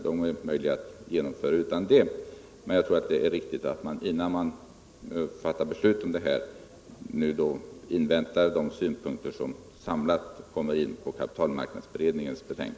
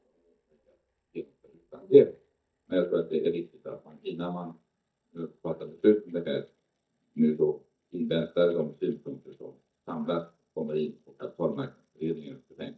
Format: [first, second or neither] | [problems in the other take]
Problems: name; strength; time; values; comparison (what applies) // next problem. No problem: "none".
first | noise reduction (neural mask model DeepFilterNet 3)